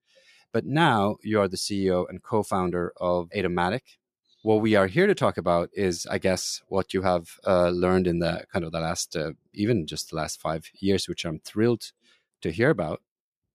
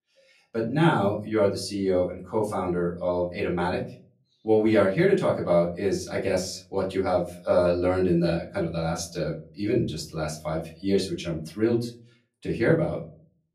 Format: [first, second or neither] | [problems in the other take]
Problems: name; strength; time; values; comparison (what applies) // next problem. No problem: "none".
first | off-mic speech; far // room echo; very slight; dies away in 0.3 s